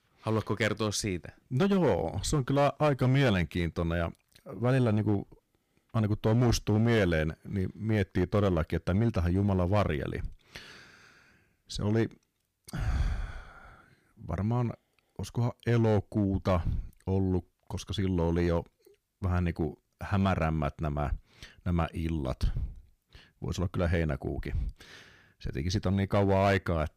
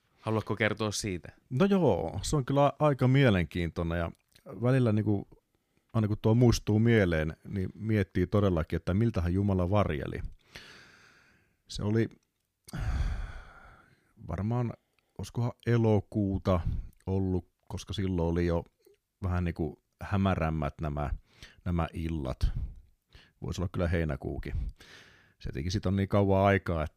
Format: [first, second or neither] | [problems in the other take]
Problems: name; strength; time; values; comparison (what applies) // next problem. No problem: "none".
second | distortion; slight; 4% of the sound clipped